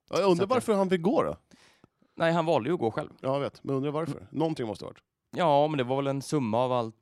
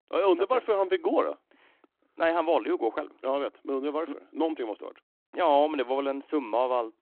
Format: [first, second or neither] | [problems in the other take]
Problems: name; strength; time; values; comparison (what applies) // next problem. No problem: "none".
first | phone-call audio